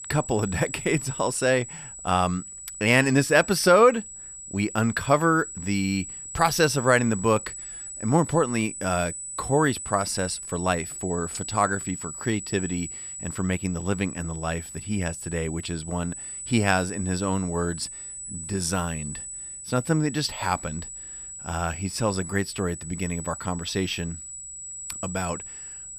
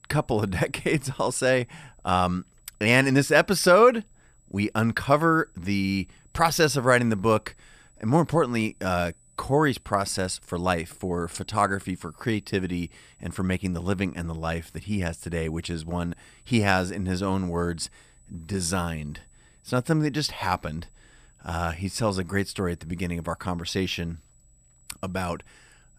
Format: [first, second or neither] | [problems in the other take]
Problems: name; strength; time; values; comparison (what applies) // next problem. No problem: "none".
second | high-pitched whine; loud; throughout; 8 kHz, 10 dB below the speech; faint in the second